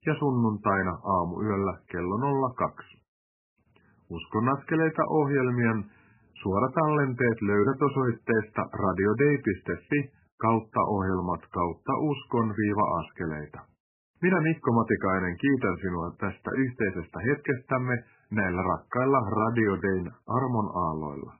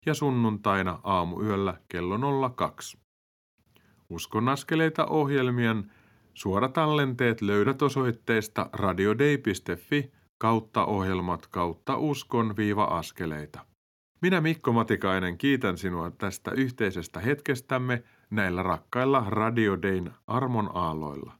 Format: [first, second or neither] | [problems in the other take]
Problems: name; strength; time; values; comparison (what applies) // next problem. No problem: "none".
second | garbled, watery; badly; nothing above 2.5 kHz